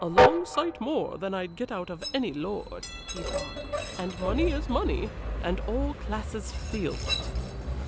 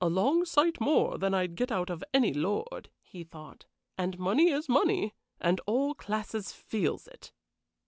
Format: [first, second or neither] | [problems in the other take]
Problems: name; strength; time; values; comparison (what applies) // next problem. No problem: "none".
second | background sound (Train); 2 dB above the speech